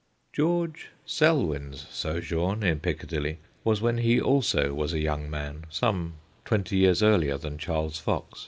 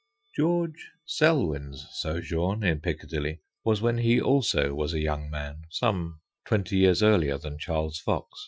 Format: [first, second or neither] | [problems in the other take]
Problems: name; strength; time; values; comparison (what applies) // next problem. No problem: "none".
first | noise reduction (classical method Wiener filter)